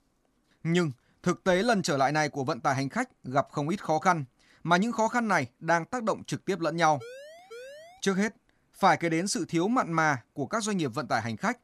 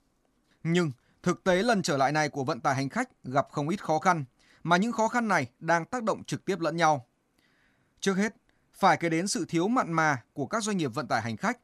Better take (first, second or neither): second